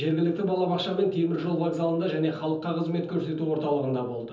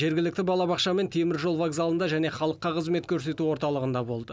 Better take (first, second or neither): second